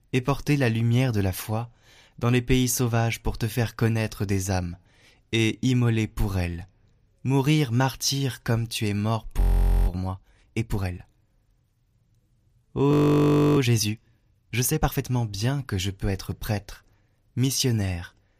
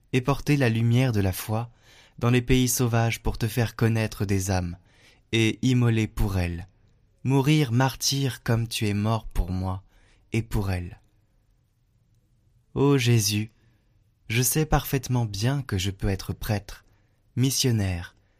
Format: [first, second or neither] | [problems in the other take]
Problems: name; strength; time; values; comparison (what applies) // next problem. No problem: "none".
second | audio freezing; at 9.5 s and at 13 s for 0.5 s